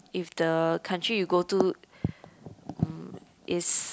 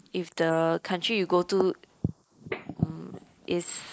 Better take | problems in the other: first | noise reduction (neural mask model Resemble Enhance denoiser)

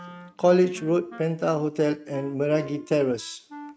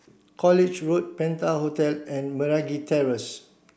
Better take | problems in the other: second | noise reduction (neural mask model RNNoise)

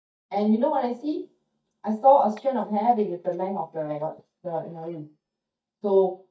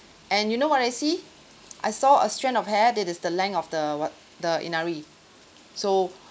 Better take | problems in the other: second | noise reduction (neural mask model DeepFilterNet 3)

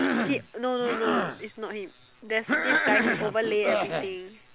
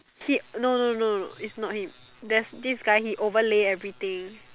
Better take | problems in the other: second | background sound (Cough); 1 dB above the speech

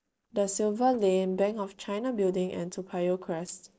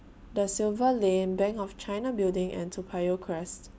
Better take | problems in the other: second | noise reduction (neural separator model SepFormer DNS4)

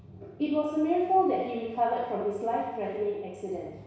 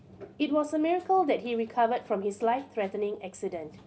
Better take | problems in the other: second | room echo; dies away in 1.1 s

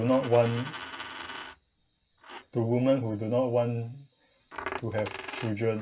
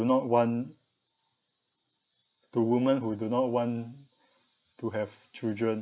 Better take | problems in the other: second | background sound (Coin (dropping)); 13 dB below the speech // room echo; dies away in 0.2 s

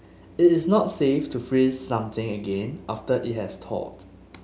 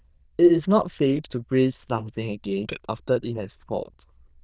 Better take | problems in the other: first | noise reduction (neural diffusion model UNIVERSE++)

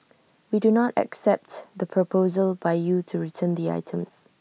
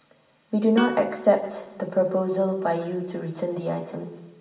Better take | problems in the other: first | background sound (Plucked string instrument); 14 dB below the speech // room echo; dies away in 1 s

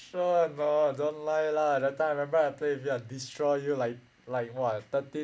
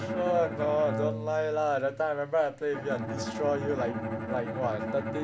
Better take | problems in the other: first | background sound (Bowed string instrument); 6 dB below the speech

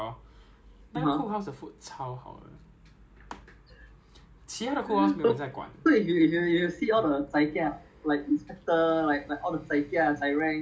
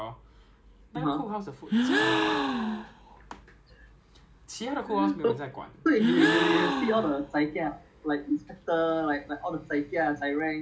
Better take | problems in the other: first | background sound (Gasp); as loud as the speech

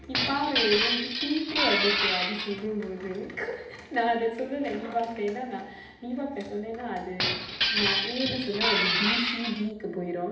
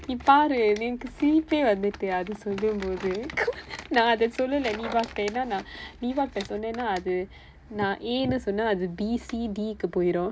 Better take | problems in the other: second | background sound (Glass); 3 dB above the speech // room echo; dies away in 0.8 s

